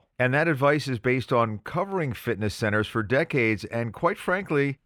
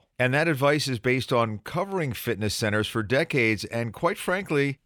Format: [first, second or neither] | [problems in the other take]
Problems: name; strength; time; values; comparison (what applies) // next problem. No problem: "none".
second | muffled; slightly; fading above 3 kHz